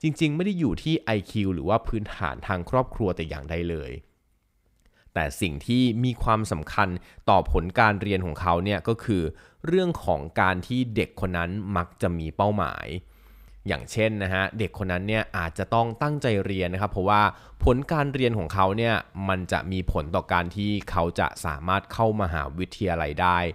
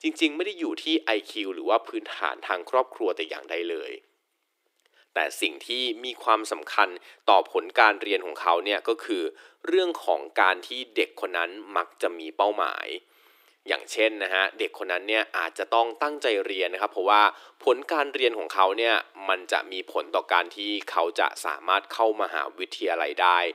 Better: first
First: none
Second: thin; very; fading below 300 Hz

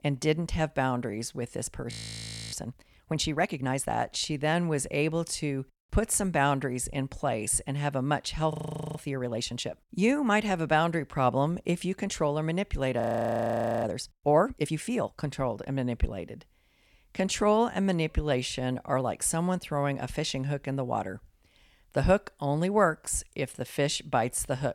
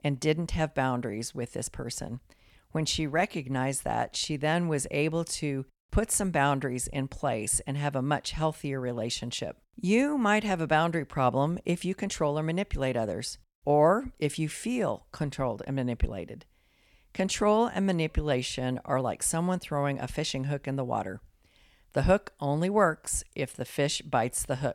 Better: second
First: audio freezing; at 2 s for 0.5 s, at 8.5 s and at 13 s for 1 s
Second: none

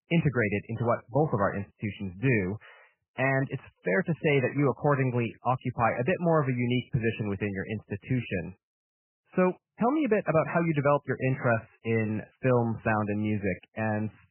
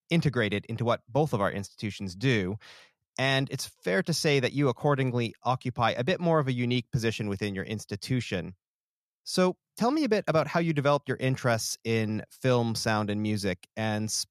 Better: second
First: garbled, watery; badly; nothing above 3 kHz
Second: none

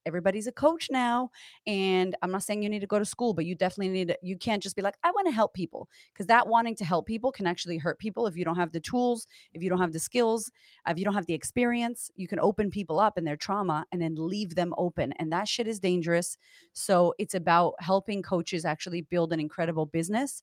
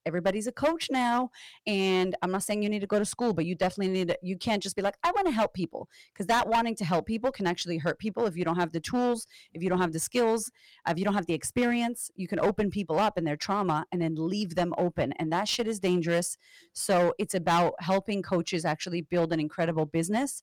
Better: first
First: none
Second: distortion; slight; 7% of the sound clipped

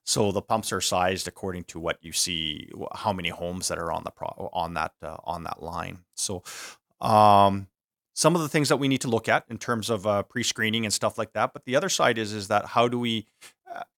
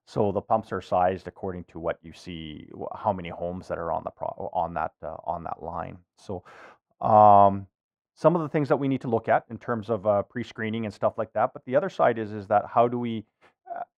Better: first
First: none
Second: muffled; very; fading above 3.5 kHz

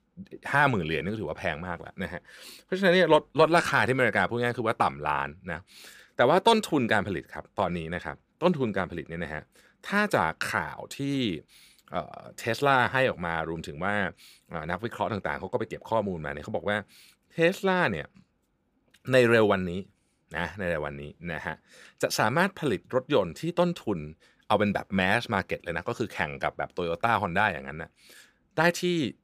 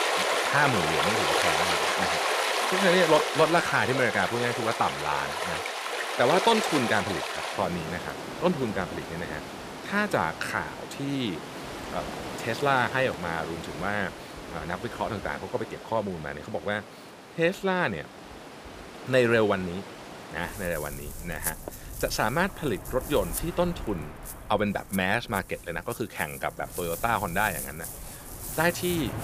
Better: first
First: none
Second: rain or running water; loud; throughout; 3 dB below the speech

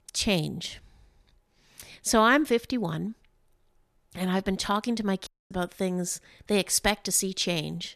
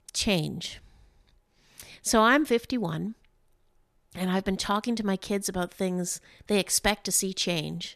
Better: second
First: audio cutting out; at 5.5 s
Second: none

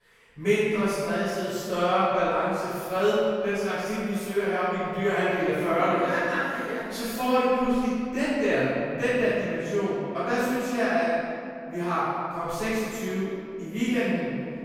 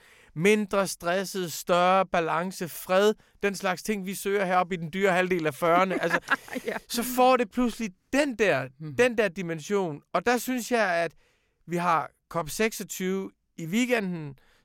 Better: second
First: room echo; strong; dies away in 2.3 s // off-mic speech; far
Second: none

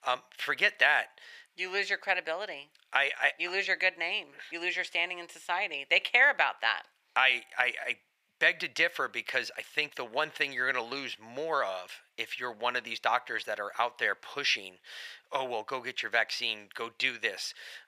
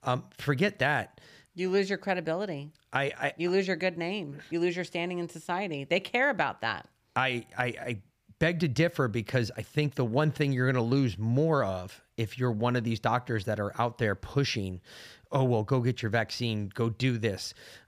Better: second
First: thin; very; fading below 750 Hz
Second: none

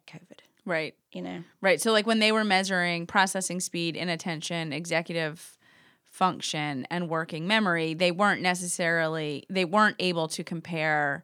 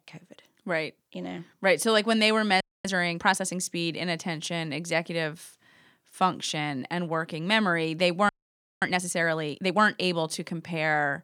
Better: first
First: none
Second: audio freezing; at 2.5 s and at 8.5 s for 0.5 s

